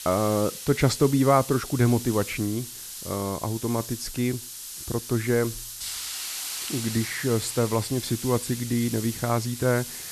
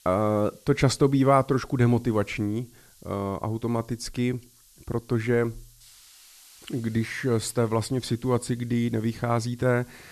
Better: second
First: hiss; loud; throughout; 8 dB below the speech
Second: hiss; faint; throughout; 25 dB below the speech

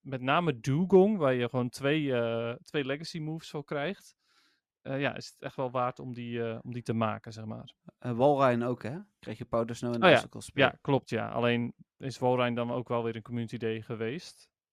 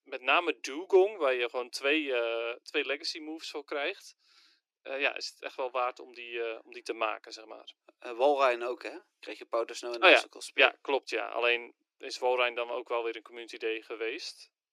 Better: first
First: none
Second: thin; very; fading below 300 Hz

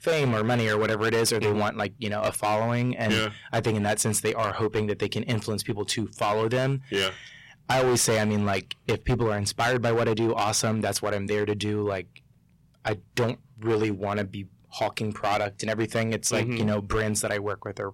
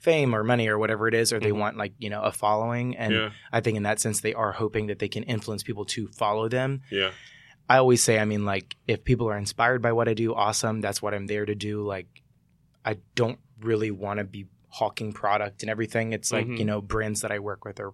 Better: second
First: distortion; heavy; 11% of the sound clipped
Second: none

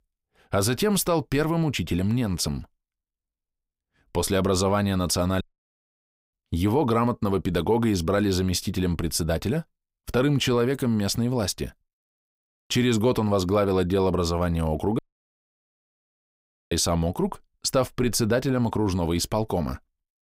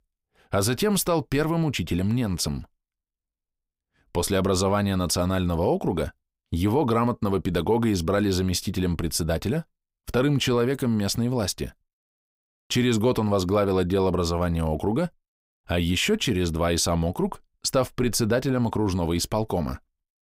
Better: second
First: audio cutting out; at 5.5 s for 1 s and at 15 s for 1.5 s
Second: none

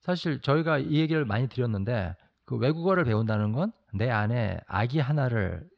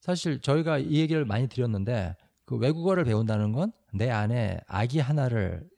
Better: second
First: muffled; very slightly; fading above 4.5 kHz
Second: none

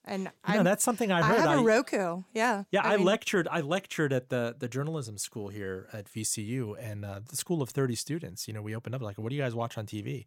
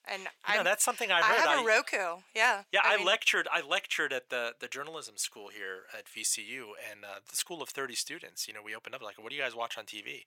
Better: first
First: none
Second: thin; very; fading below 650 Hz

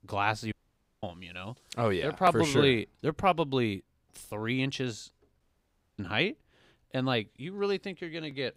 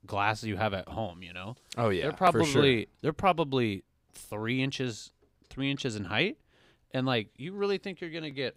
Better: second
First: audio cutting out; at 0.5 s for 0.5 s and at 5.5 s for 0.5 s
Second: none

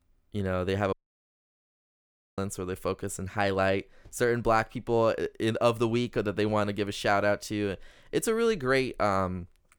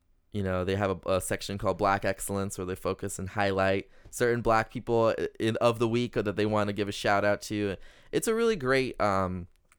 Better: second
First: audio cutting out; at 1 s for 1.5 s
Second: none

